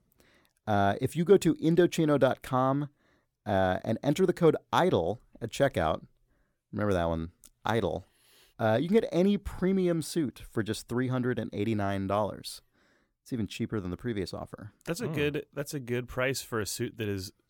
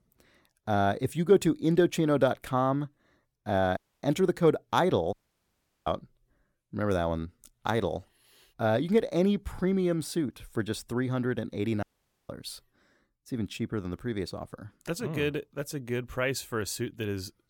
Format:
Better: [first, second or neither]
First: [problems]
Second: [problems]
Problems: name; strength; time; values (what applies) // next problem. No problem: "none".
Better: first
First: none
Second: audio cutting out; at 4 s, at 5 s for 0.5 s and at 12 s